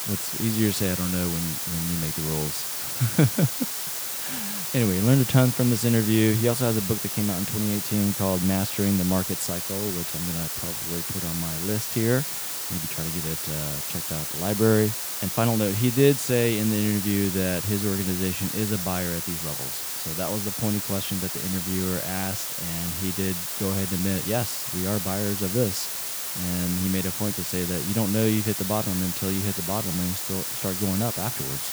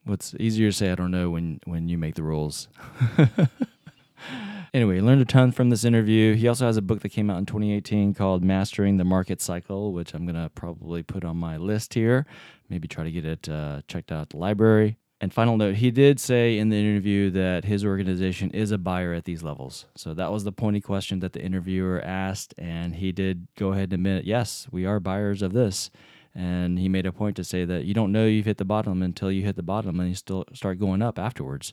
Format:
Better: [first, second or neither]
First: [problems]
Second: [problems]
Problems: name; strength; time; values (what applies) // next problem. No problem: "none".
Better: second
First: hiss; loud; throughout; 1 dB below the speech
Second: none